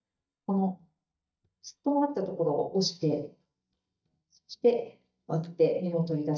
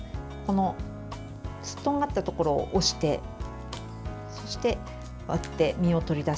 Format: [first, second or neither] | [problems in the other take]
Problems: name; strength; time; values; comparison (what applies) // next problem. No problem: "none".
second | noise reduction (neural mask model DeepFilterNet 3)